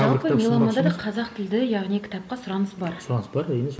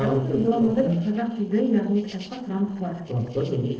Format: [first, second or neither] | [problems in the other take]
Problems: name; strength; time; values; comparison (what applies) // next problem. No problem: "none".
first | noise reduction (neural separator model SepFormer DNS4)